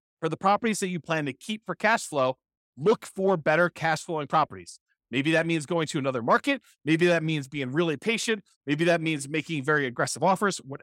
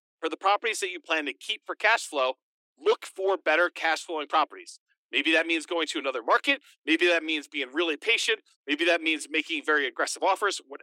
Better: first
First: none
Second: thin; somewhat; fading below 300 Hz

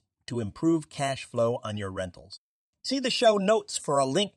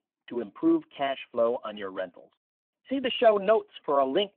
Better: first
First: none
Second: phone-call audio

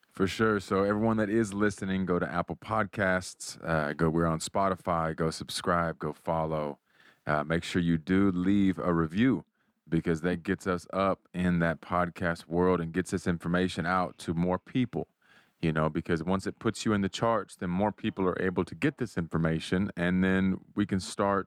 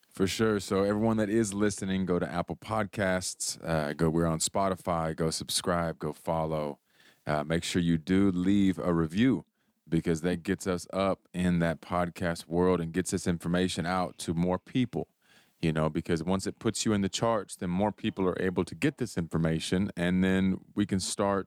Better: second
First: muffled; very slightly; fading above 4 kHz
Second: none

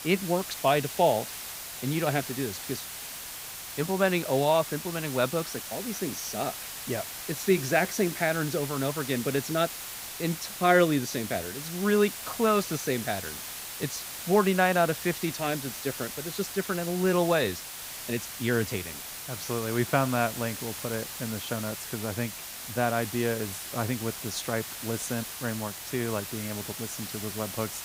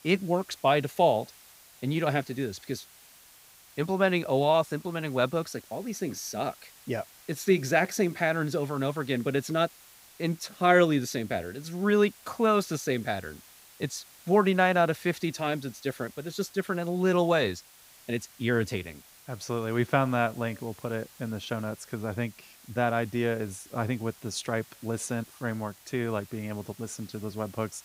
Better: second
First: hiss; loud; throughout; 7 dB below the speech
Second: hiss; faint; throughout; 20 dB below the speech

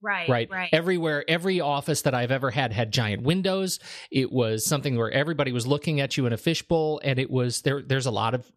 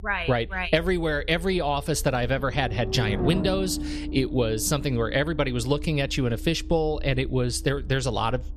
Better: first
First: none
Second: low rumble; noticeable; throughout; 15 dB below the speech

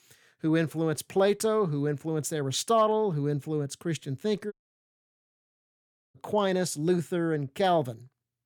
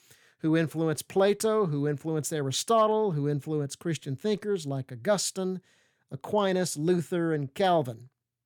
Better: second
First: audio cutting out; at 4.5 s for 1.5 s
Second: none

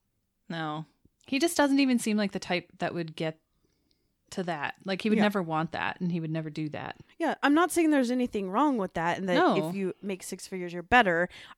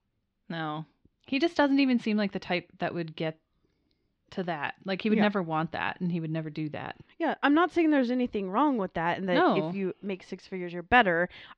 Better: first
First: none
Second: muffled; very slightly; fading above 4 kHz

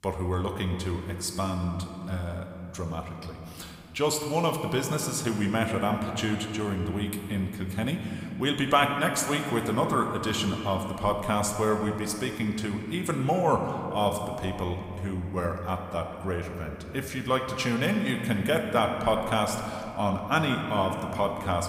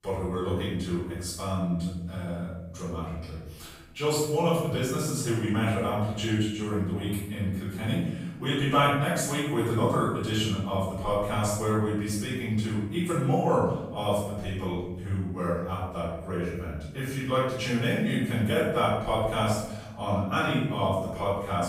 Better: first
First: room echo; slight; dies away in 2.6 s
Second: room echo; strong; dies away in 1 s // off-mic speech; far

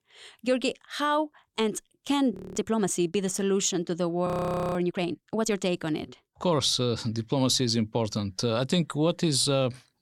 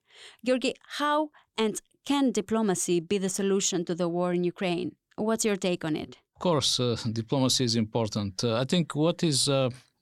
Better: second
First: audio freezing; at 2.5 s and at 4.5 s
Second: none

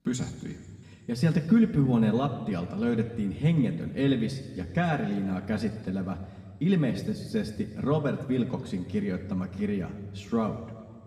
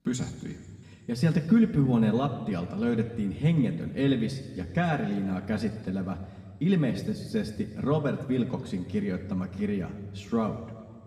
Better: neither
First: room echo; slight; dies away in 1.9 s // off-mic speech; somewhat distant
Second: room echo; slight; dies away in 1.9 s // off-mic speech; somewhat distant

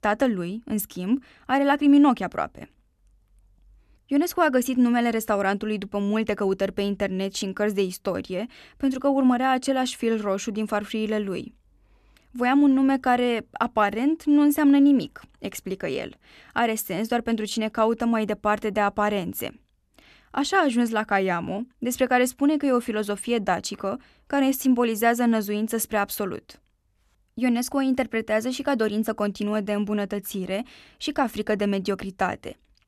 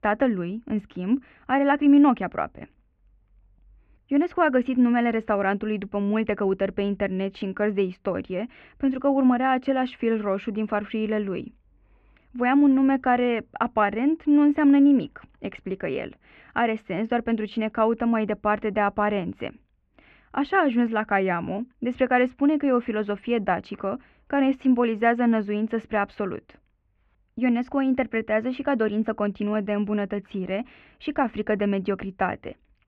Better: first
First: none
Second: muffled; very; fading above 2.5 kHz

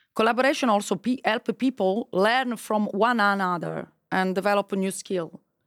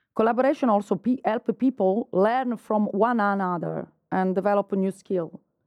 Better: first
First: none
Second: muffled; very; fading above 1.5 kHz

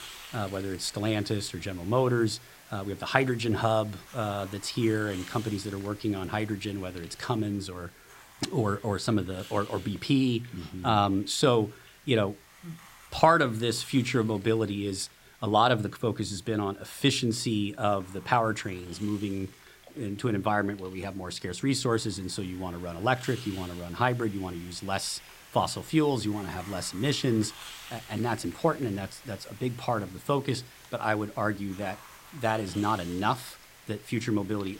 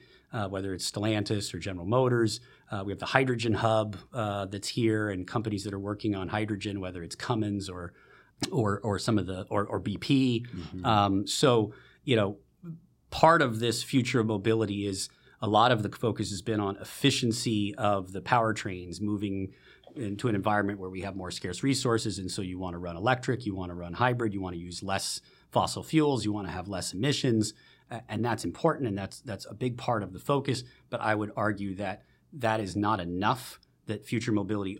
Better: second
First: hiss; noticeable; throughout; 20 dB below the speech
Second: none

